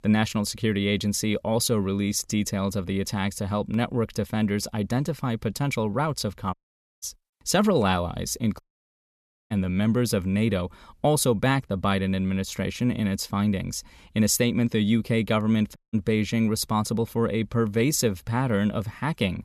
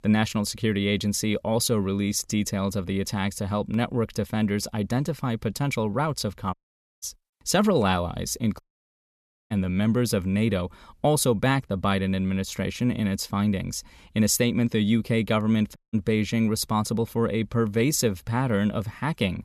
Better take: neither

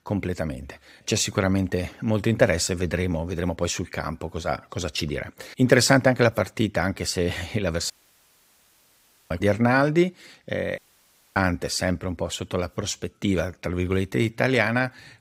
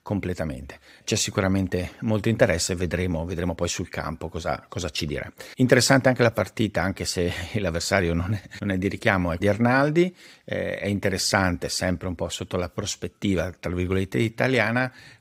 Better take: second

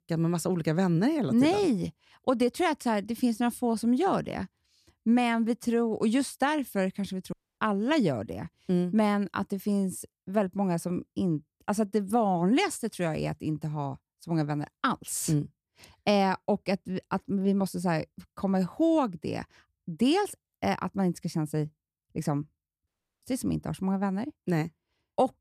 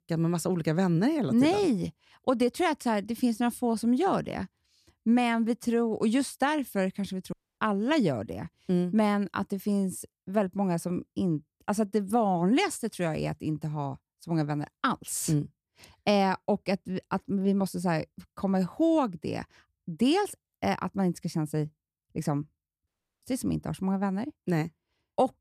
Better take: neither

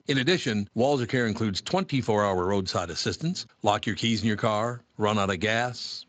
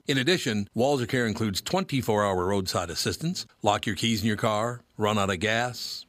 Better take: second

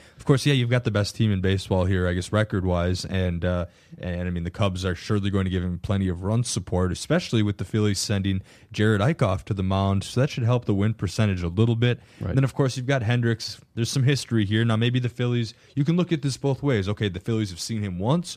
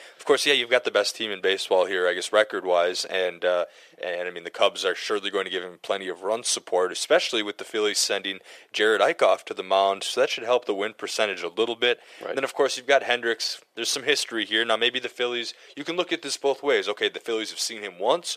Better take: first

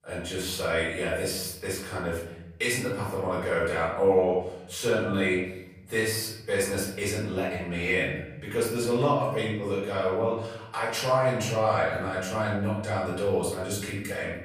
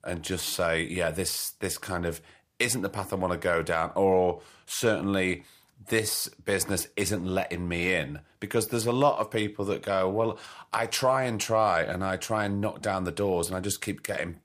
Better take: second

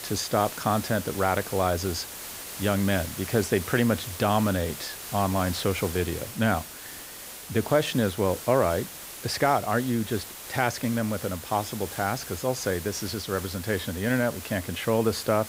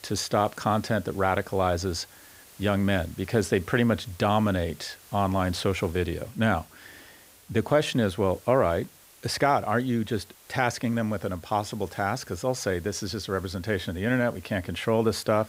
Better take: second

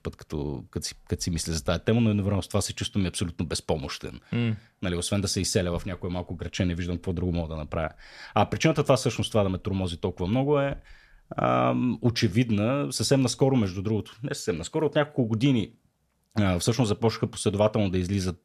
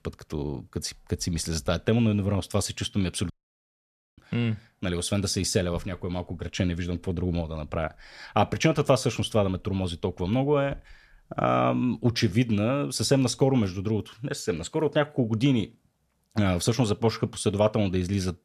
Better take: first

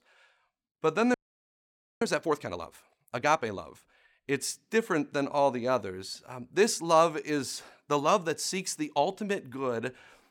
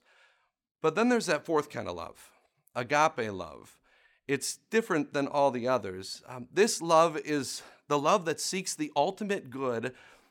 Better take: second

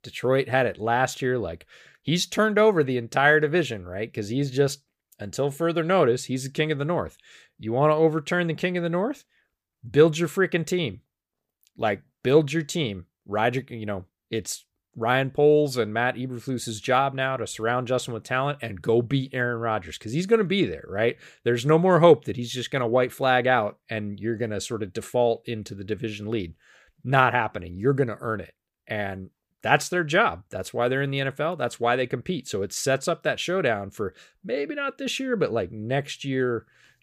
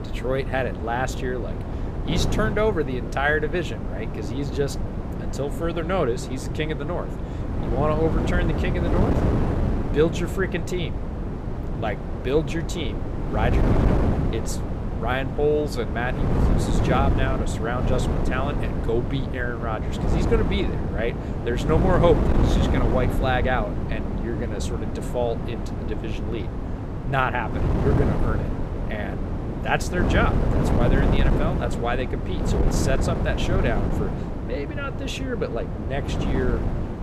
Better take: first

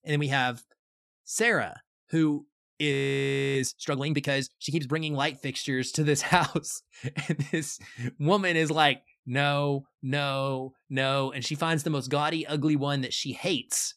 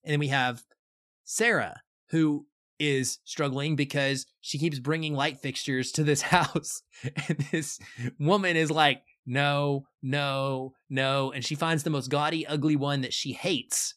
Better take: second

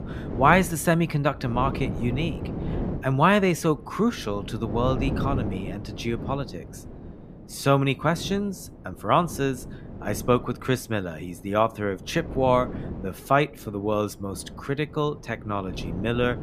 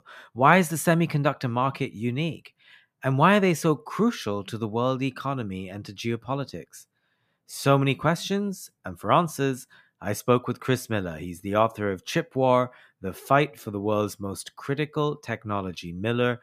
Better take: second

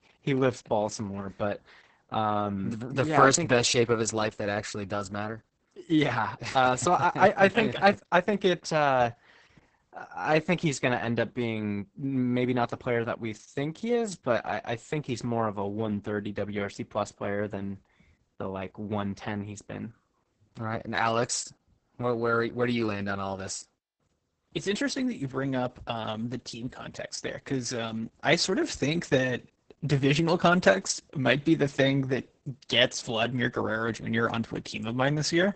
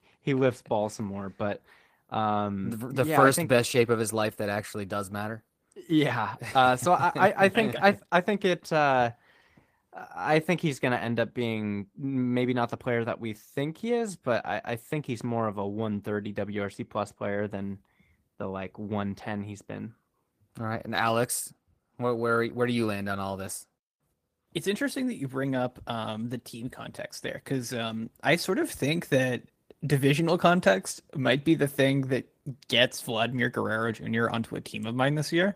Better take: second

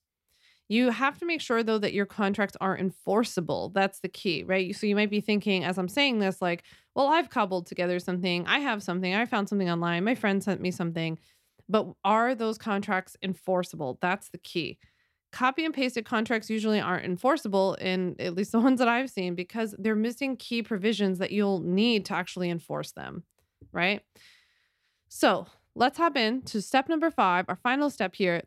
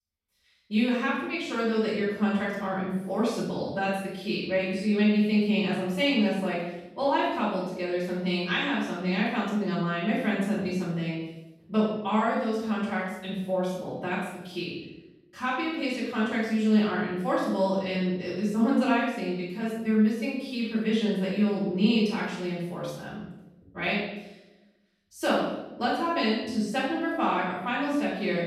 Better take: first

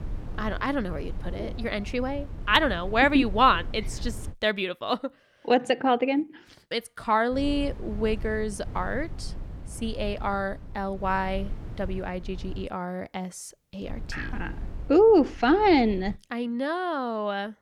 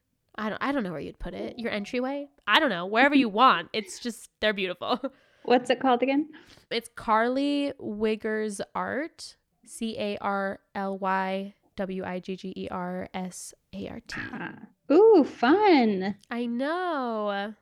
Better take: second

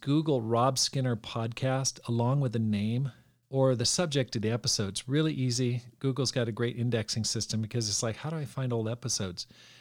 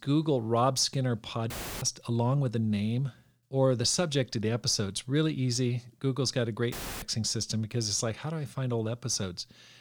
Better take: first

